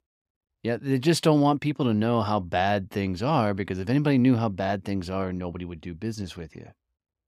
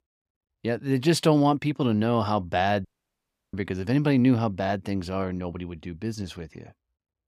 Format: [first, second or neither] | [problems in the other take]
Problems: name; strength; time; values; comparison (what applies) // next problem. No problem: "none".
first | audio cutting out; at 3 s for 0.5 s